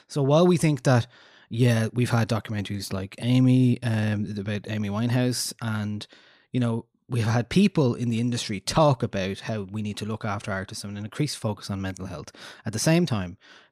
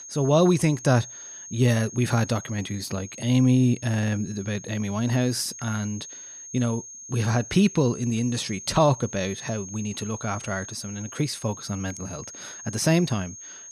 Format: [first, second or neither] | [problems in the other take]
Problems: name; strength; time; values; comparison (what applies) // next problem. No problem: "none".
first | high-pitched whine; noticeable; throughout; 6.5 kHz, 15 dB below the speech